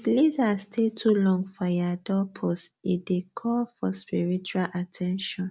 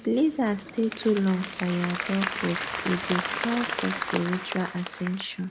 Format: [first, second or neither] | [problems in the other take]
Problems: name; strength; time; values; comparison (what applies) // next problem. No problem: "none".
first | background sound (Applause); 6 dB below the speech